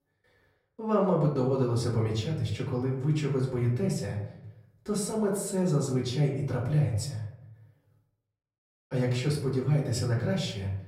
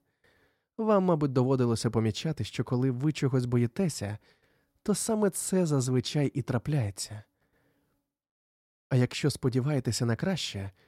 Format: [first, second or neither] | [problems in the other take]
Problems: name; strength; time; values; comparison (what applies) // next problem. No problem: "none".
second | off-mic speech; far // room echo; slight; dies away in 0.7 s